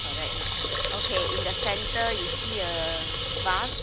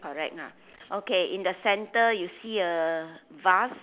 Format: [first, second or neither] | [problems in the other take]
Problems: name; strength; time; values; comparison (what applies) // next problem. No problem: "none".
second | background sound (Water tap, faucet / Liquid); 3 dB above the speech